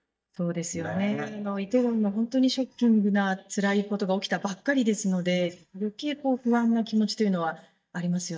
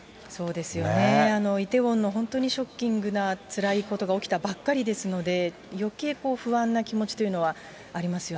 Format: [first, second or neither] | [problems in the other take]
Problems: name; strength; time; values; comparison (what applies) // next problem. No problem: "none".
second | noise reduction (neural mask model DeepFilterNet 3)